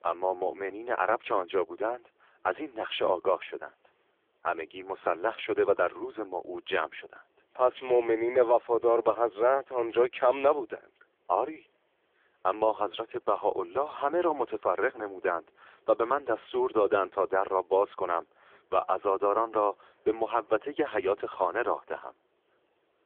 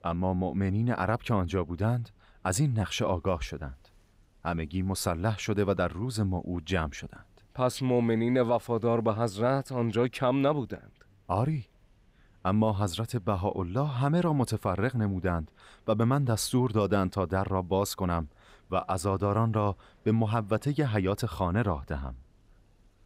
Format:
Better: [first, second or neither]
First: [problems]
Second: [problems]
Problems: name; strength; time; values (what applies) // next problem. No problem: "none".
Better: second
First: phone-call audio; poor line; nothing above 3.5 kHz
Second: none